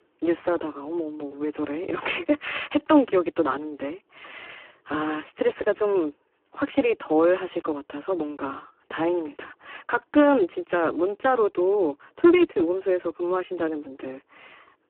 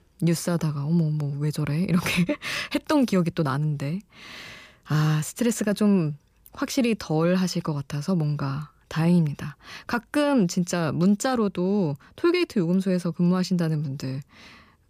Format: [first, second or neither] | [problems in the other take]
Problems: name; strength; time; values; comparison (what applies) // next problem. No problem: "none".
second | phone-call audio; poor line